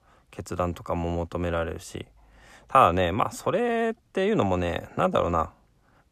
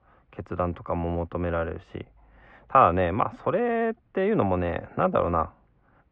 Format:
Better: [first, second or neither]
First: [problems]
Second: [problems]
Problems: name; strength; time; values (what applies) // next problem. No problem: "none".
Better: first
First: none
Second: muffled; very; fading above 2.5 kHz